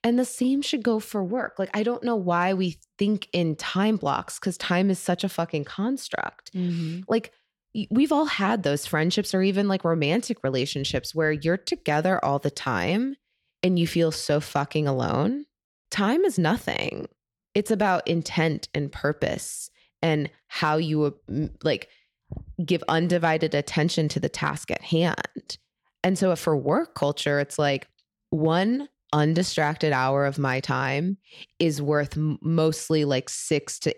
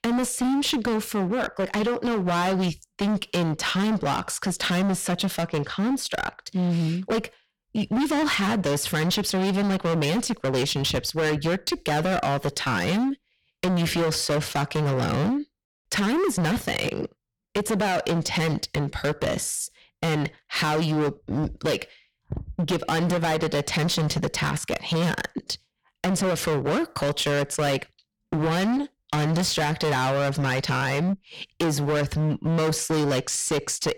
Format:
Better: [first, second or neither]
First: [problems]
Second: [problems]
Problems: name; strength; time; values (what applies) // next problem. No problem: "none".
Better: first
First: none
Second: distortion; heavy; 26% of the sound clipped